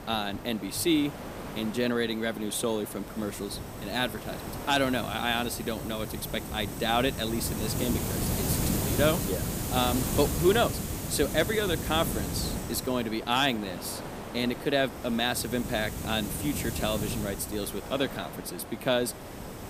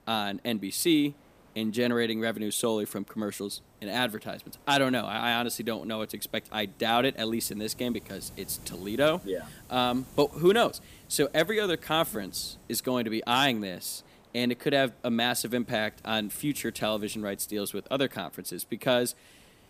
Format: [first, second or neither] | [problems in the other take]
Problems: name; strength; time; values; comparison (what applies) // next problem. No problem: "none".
second | hiss; loud; throughout; 5 dB below the speech; faint in the second